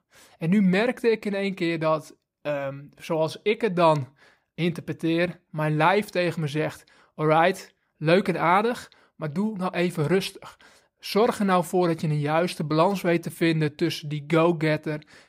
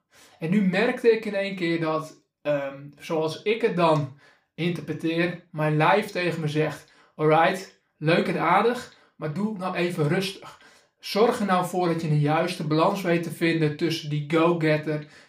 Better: first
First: none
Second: room echo; very slight; dies away in 0.3 s

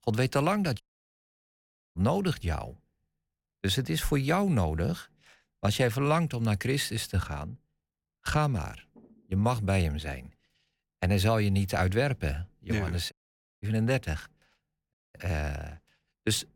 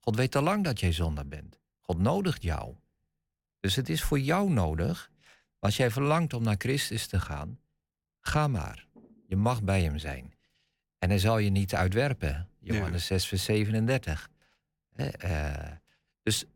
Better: second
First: audio cutting out; at 1 s for 1 s, at 13 s for 0.5 s and at 15 s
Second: none

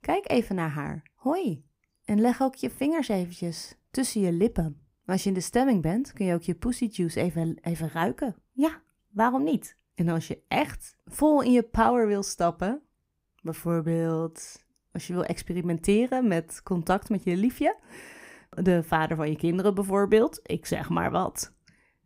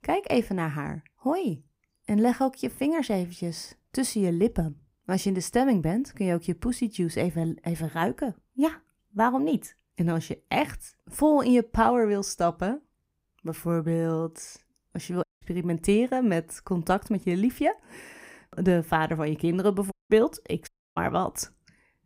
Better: first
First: none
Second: audio cutting out; at 15 s, at 20 s and at 21 s

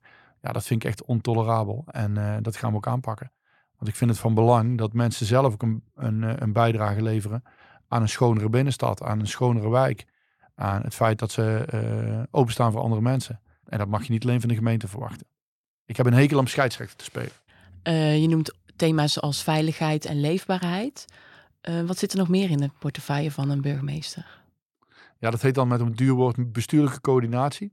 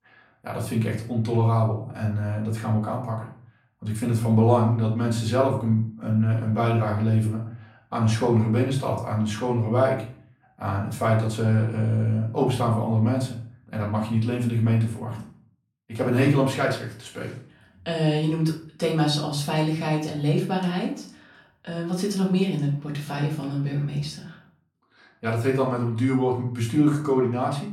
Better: first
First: none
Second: off-mic speech; far // room echo; slight; dies away in 0.4 s

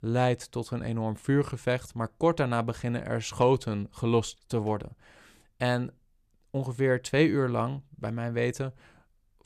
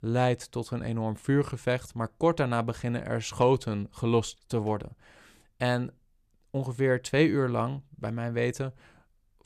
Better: neither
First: none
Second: none

